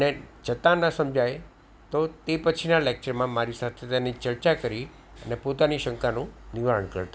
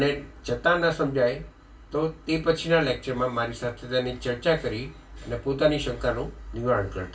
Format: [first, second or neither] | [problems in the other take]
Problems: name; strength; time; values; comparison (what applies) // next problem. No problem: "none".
first | room echo; dies away in 0.2 s